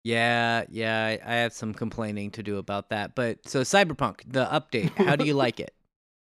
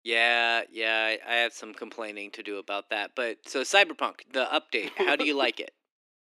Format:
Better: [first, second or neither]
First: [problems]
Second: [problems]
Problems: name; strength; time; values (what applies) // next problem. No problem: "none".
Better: first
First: none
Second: thin; somewhat; fading below 300 Hz